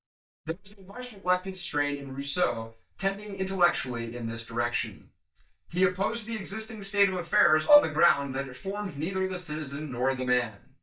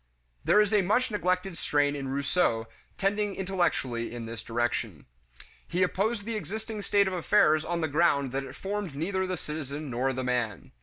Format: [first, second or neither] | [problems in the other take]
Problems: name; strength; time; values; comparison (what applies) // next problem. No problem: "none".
second | noise reduction (neural mask model DeepFilterNet 3)